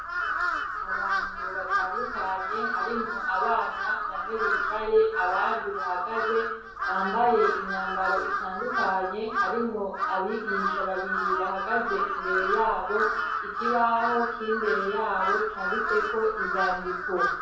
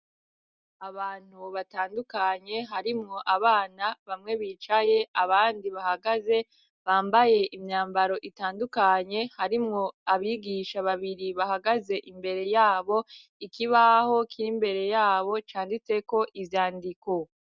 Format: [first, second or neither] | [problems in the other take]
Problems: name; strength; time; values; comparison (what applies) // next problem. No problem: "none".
second | background sound (Crow); as loud as the speech // room echo; dies away in 0.6 s